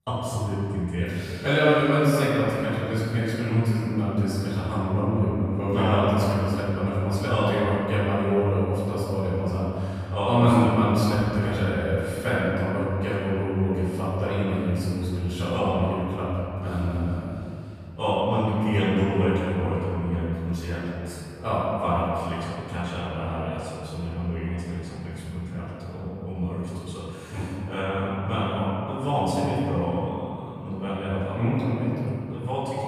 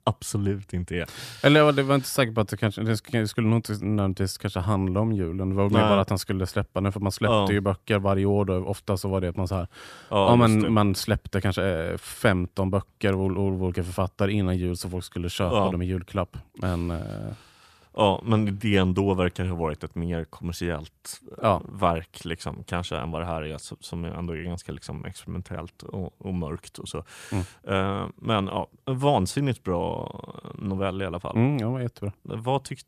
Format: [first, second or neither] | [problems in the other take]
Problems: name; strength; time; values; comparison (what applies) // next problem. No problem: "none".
second | room echo; strong; dies away in 2.3 s // off-mic speech; far